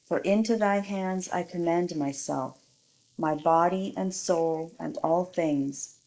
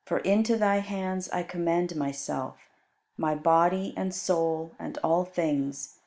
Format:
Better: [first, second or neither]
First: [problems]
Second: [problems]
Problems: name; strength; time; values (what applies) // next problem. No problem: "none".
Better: second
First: noise reduction (neural mask model Resemble Enhance denoiser)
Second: none